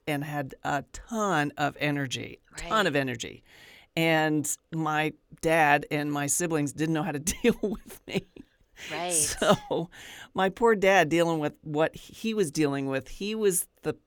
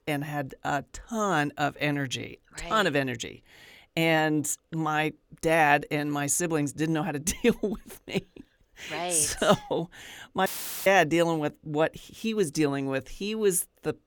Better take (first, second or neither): first